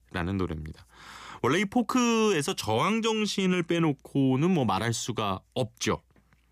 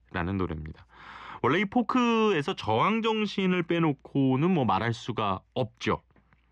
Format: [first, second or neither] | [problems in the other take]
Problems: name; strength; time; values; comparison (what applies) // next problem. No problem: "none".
first | muffled; slightly; fading above 2.5 kHz